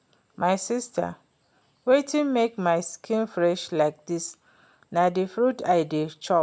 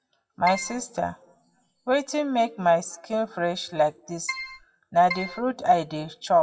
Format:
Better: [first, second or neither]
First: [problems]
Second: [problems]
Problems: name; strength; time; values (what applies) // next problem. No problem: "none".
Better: first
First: none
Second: noise reduction (classical method WPE with log-MMSE)